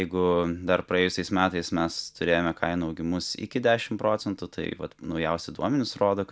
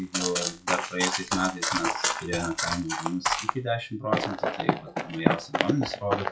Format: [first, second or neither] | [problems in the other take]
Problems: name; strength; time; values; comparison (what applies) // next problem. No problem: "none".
first | noise reduction (classical method WPE with log-MMSE)